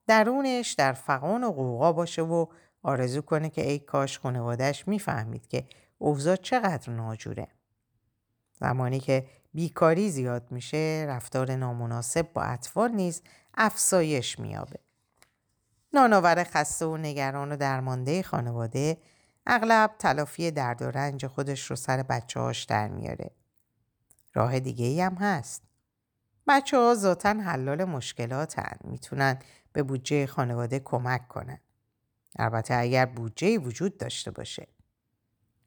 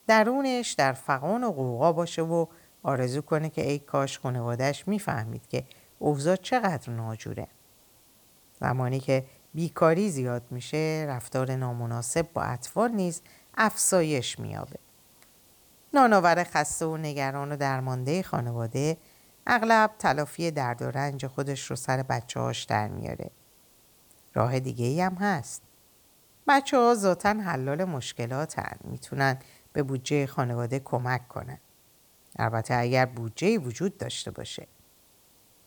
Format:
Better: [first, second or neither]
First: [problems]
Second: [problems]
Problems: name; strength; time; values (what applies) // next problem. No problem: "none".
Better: first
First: none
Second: hiss; faint; throughout; 30 dB below the speech